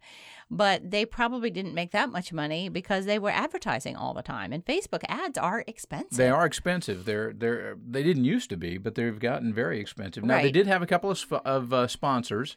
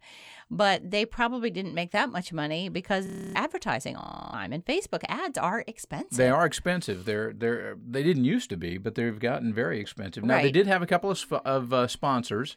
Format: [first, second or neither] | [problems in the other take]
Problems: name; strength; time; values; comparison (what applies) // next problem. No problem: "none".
first | audio freezing; at 3 s and at 4 s